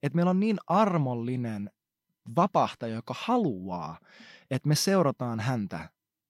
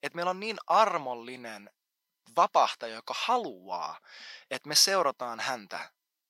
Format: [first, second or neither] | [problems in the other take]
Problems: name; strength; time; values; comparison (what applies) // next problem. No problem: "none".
first | thin; very; fading below 700 Hz